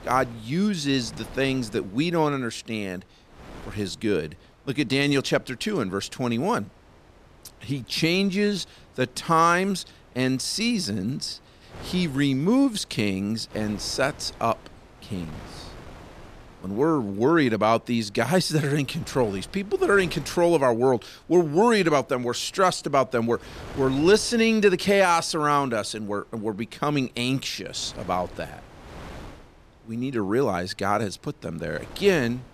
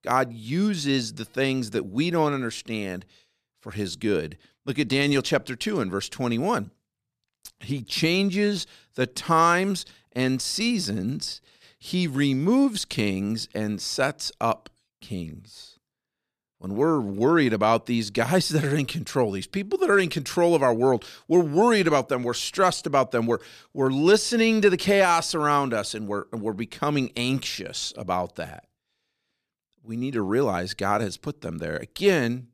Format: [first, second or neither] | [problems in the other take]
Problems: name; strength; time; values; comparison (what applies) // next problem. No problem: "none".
second | wind noise on the microphone; occasional gusts; 25 dB below the speech